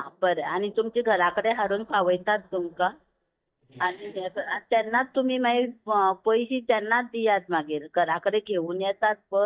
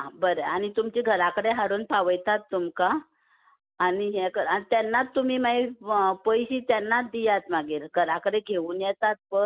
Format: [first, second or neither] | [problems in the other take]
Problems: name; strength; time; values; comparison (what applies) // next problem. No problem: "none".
second | noise reduction (neural mask model DeepFilterNet 3)